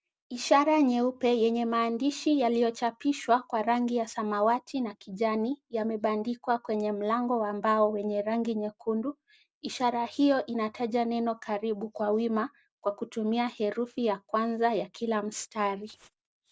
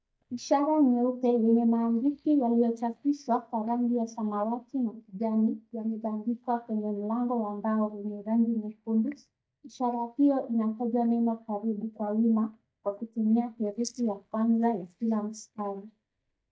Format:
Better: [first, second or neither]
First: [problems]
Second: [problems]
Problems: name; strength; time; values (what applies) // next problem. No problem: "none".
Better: first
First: none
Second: noise reduction (neural mask model DeepFilterNet 3)